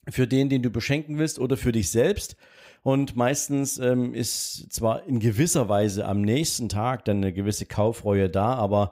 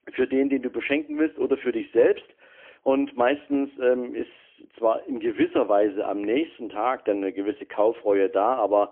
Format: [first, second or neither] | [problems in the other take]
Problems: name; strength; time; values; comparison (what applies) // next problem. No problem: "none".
first | phone-call audio; poor line; nothing above 3 kHz